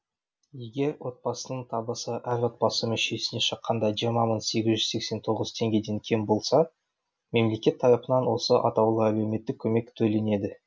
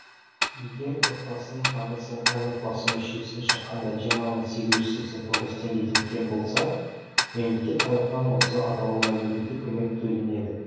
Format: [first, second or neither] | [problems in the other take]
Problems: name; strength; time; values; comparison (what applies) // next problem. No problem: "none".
first | background sound (Tick-tock); 3 dB below the speech // room echo; dies away in 1.3 s